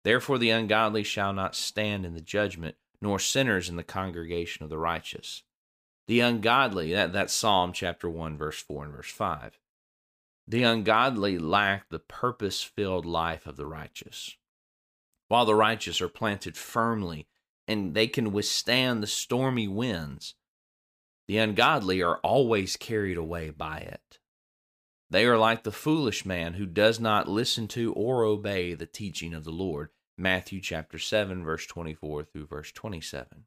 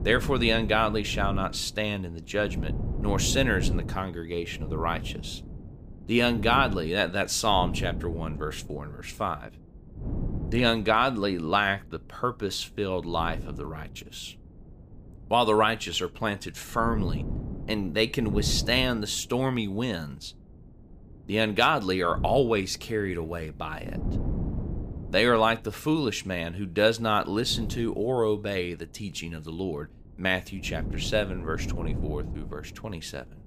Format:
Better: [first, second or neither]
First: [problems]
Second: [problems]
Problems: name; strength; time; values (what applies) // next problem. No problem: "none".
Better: first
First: none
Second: wind noise on the microphone; occasional gusts; 20 dB below the speech